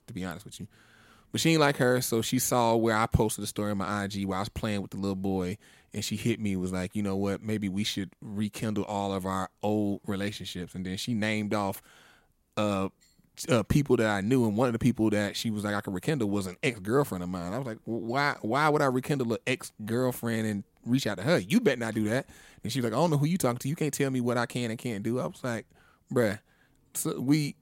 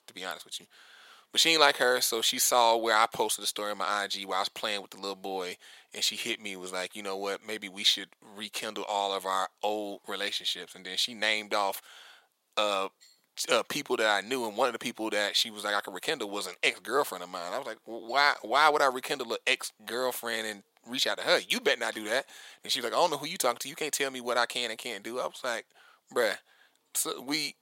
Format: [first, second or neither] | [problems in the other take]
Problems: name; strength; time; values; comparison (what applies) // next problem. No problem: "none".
first | thin; very; fading below 650 Hz